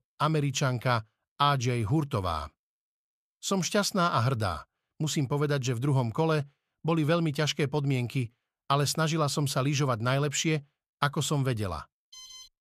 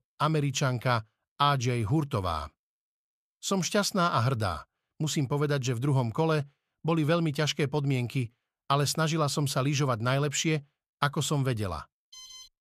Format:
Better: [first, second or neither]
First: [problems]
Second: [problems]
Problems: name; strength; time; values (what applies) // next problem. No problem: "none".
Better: neither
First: alarm; faint; at 12 s; peak 15 dB below the speech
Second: alarm; faint; at 12 s; peak 15 dB below the speech